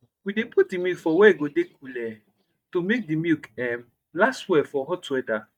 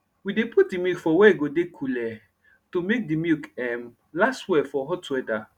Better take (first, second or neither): second